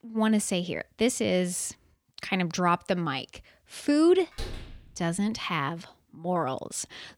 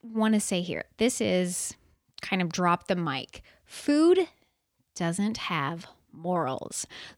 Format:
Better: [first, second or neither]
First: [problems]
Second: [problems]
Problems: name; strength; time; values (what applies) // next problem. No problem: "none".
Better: second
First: door banging; faint; at 4.5 s; peak 10 dB below the speech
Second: none